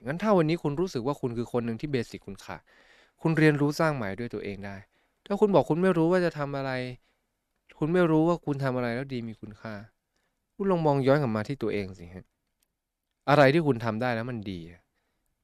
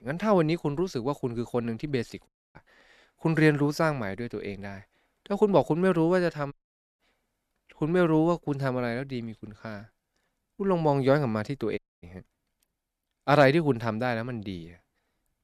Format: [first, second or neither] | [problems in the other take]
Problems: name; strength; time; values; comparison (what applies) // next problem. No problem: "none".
first | audio cutting out; at 2.5 s, at 6.5 s and at 12 s